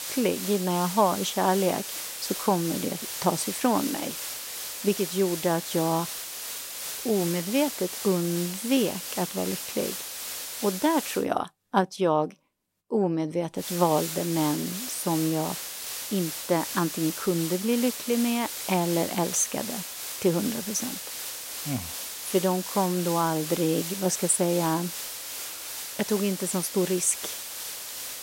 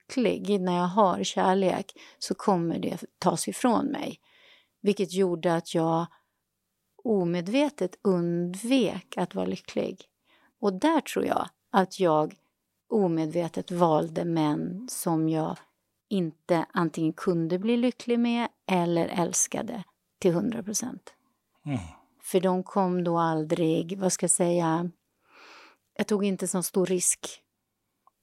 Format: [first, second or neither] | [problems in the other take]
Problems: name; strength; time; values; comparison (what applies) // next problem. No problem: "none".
second | hiss; loud; until 11 s and from 14 s on; 6 dB below the speech